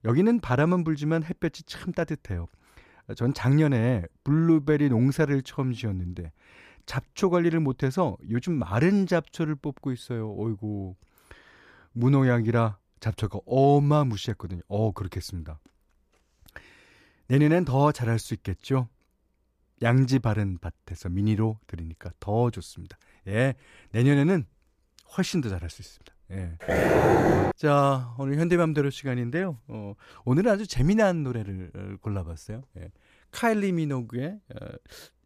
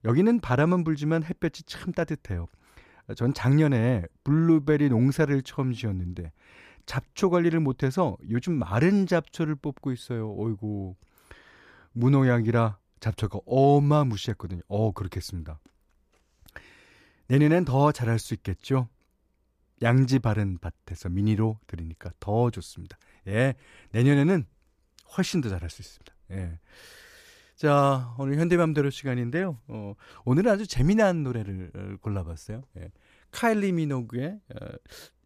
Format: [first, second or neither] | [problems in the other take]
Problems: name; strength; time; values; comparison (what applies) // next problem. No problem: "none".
second | dog barking; loud; at 27 s; peak 6 dB above the speech